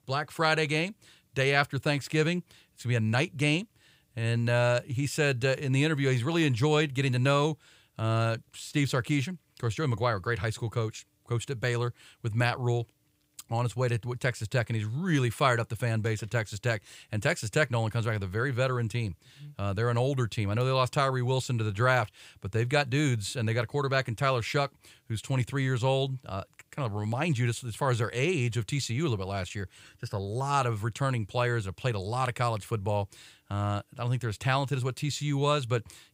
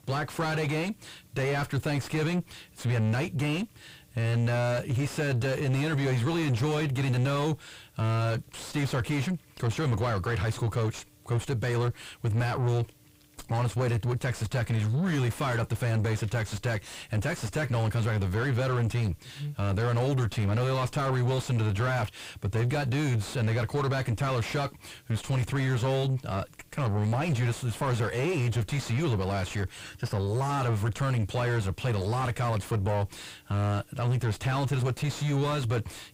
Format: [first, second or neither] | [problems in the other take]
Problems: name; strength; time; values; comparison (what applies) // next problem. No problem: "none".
first | distortion; heavy; 5 dB below the speech